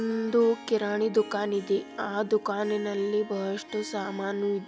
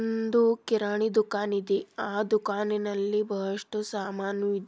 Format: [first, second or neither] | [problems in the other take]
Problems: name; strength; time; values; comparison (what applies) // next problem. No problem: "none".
second | background sound (Harp); 16 dB below the speech